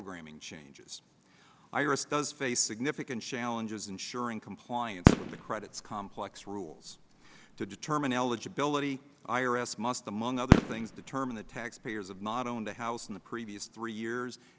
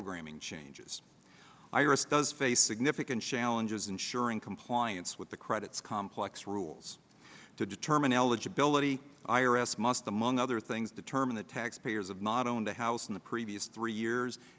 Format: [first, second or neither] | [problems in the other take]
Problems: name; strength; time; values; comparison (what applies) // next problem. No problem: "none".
second | background sound (Fireworks); 3 dB above the speech